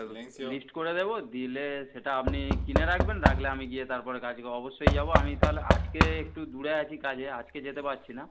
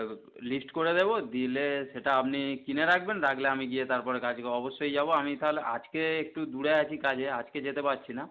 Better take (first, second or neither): second